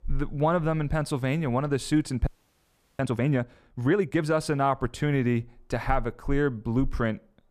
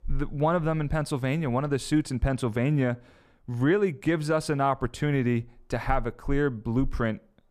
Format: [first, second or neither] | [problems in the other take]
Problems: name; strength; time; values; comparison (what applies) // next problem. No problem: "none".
second | audio freezing; at 2.5 s for 0.5 s